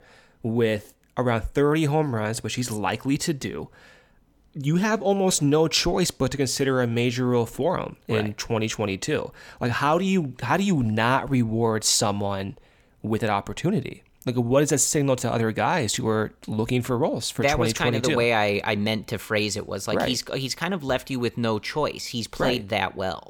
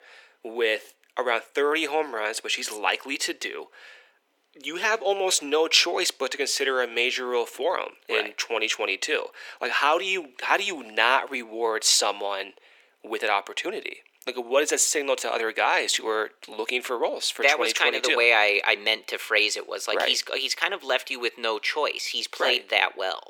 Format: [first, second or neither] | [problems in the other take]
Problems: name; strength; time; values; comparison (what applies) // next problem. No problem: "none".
first | thin; very; fading below 350 Hz